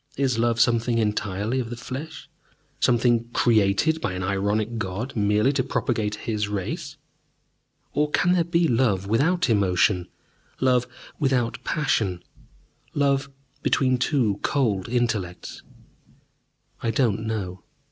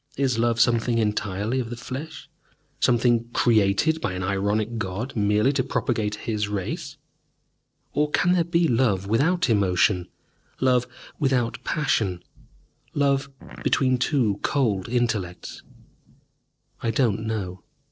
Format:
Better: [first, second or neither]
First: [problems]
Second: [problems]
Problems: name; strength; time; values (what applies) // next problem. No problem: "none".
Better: first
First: none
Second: noise reduction (neural separator model SepFormer DNS4)